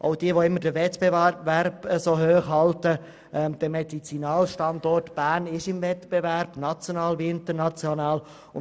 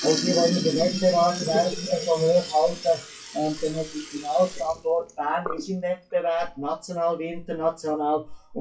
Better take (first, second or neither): first